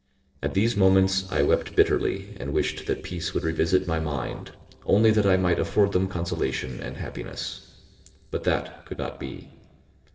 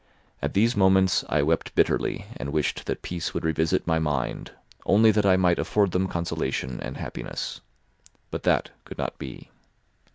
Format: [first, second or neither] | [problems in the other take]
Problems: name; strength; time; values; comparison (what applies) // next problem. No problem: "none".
second | noise reduction (neural separator model SepFormer DNS4)